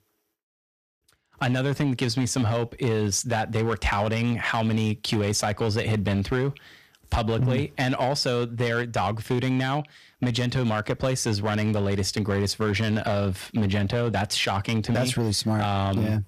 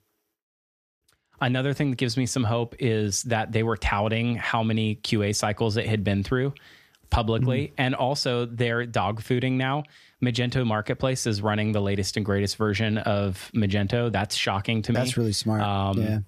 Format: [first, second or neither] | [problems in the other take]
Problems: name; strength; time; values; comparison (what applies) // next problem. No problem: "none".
second | distortion; slight; 7% of the sound clipped